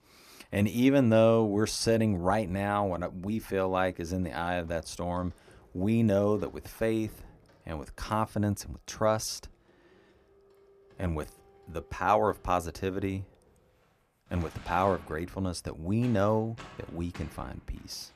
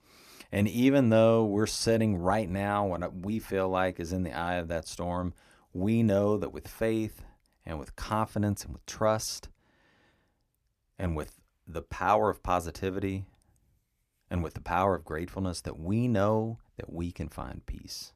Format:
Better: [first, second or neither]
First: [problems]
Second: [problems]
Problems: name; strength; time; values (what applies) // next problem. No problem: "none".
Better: second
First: household noises; faint; throughout; 25 dB below the speech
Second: none